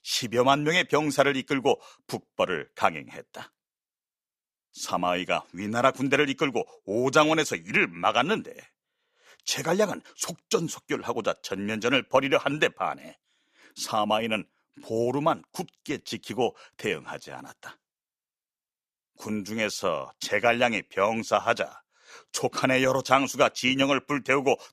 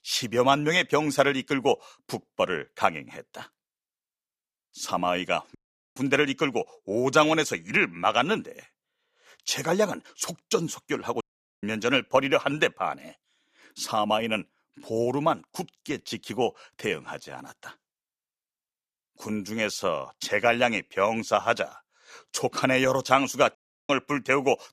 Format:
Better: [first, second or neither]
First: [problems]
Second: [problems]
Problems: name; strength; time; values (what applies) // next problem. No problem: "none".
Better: first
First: none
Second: audio cutting out; at 5.5 s, at 11 s and at 24 s